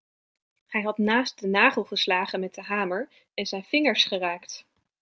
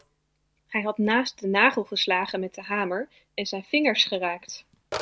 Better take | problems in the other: first | background sound (Telephone); 15 dB below the speech

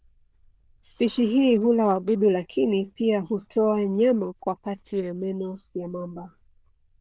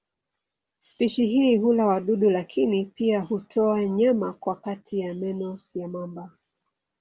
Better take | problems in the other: second | noise reduction (neural diffusion model UNIVERSE++)

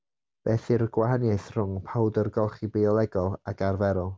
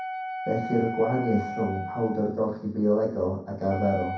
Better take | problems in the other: first | background sound (Wind instrument, woodwind instrument); 9 dB below the speech // room echo; dies away in 0.6 s

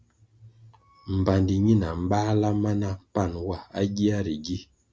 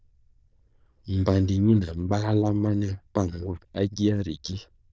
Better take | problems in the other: first | noise reduction (neural diffusion model UNIVERSE++)

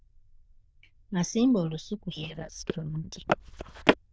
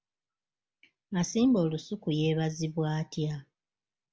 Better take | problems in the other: second | noise reduction (neural diffusion model UNIVERSE++)

